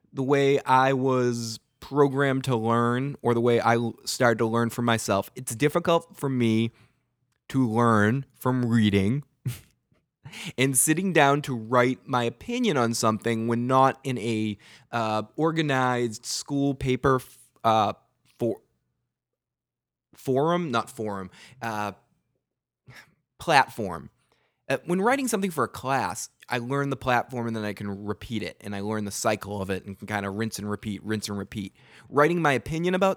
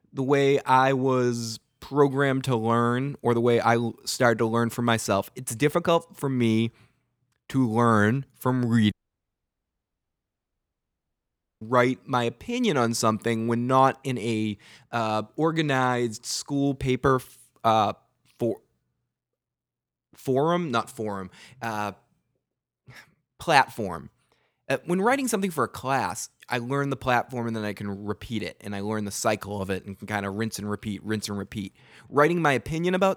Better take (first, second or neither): first